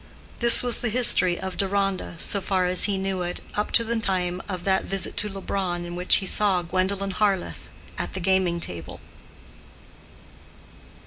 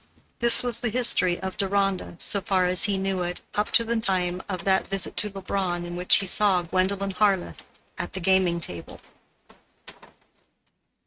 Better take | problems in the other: first | noise reduction (neural mask model RNNoise)

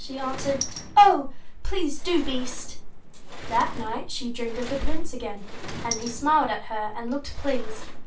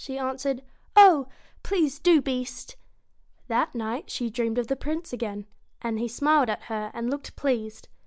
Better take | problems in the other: second | background sound (Sliding door); 16 dB below the speech // room echo; dies away in 0.3 s

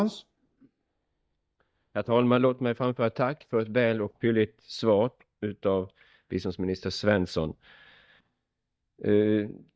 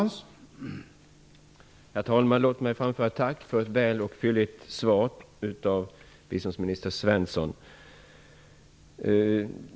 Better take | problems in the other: second | noise reduction (neural mask model DeepFilterNet 3)

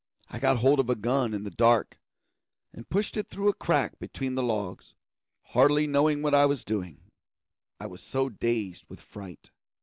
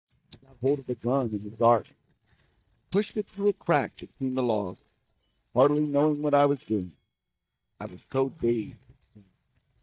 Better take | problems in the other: first | noise reduction (neural mask model DeepFilterNet 3)

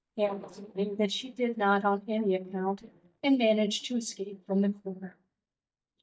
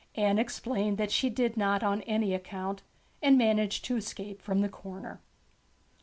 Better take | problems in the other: second | noise reduction (neural mask model DeepFilterNet 3)

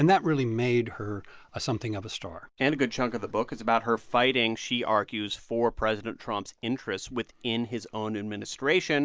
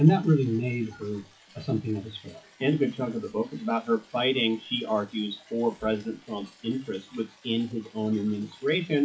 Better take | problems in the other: first | noise reduction (classical method WPE with log-MMSE)

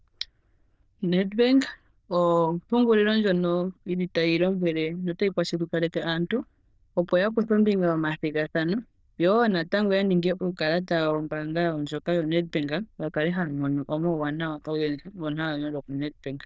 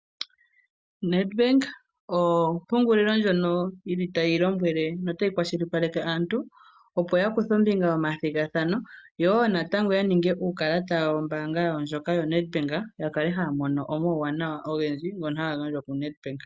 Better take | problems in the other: second | noise reduction (neural diffusion model UNIVERSE++)

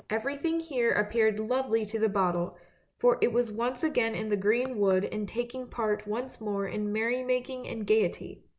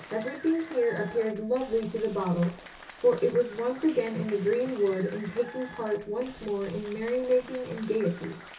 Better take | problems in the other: first | background sound (Applause); 18 dB below the speech // room echo; dies away in 0.3 s

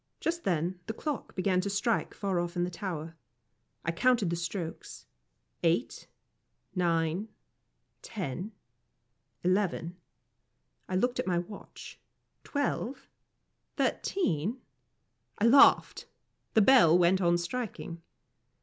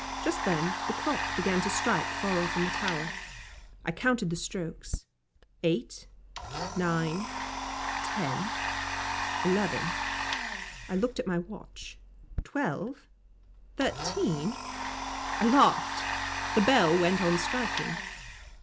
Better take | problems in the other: first | background sound (Domestic sounds, home sounds); 3 dB below the speech

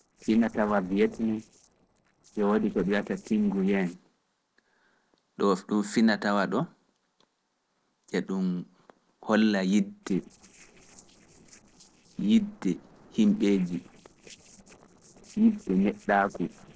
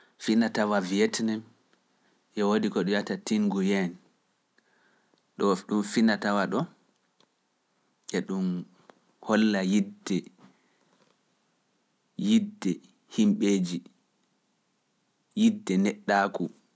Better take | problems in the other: second | noise reduction (neural separator model SepFormer DNS4)

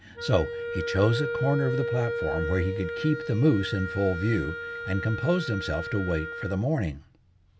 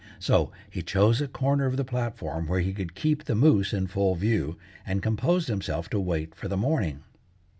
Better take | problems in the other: second | background sound (Wind instrument, woodwind instrument); 6 dB below the speech

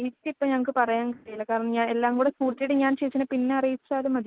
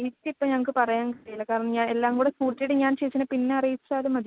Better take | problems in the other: second | noise reduction (neural mask model Resemble Enhance denoiser)

